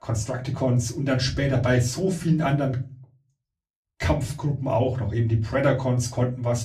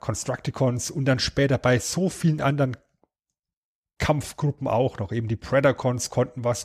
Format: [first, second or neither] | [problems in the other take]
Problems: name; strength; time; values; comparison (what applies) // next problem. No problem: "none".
second | off-mic speech; far // room echo; very slight; dies away in 0.3 s